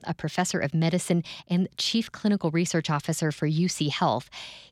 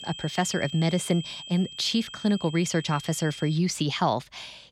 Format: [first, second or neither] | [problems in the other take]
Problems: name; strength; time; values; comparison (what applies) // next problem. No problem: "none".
first | high-pitched whine; noticeable; until 3.5 s; 3 kHz, 15 dB below the speech